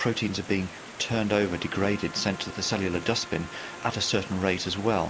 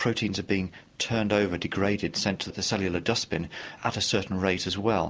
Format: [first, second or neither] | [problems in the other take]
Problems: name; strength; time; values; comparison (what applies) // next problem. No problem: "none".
second | background sound (Trumpet + Stream); 14 dB below the speech